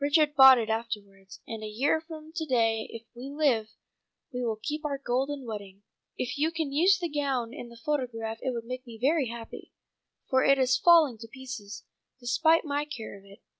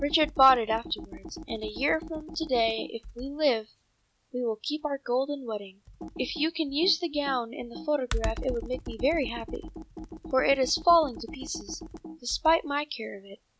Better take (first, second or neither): first